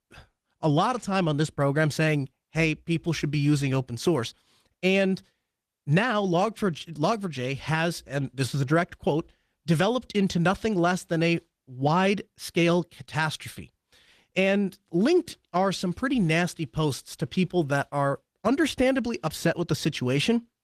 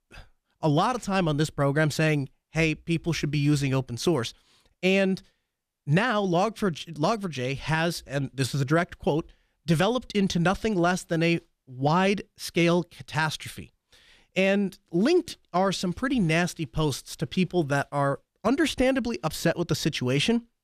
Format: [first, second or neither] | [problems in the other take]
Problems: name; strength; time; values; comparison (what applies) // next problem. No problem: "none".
second | garbled, watery; slightly; nothing above 14 kHz